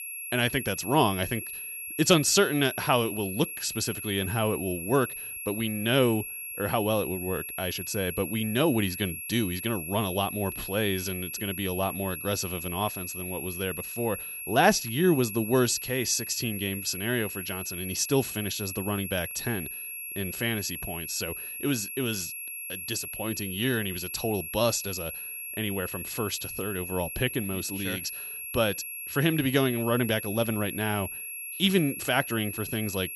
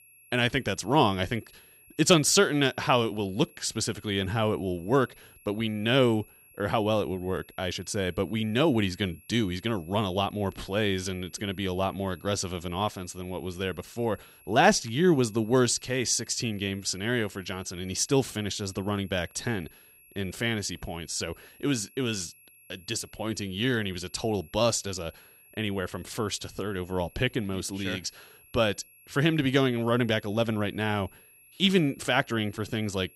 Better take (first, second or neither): second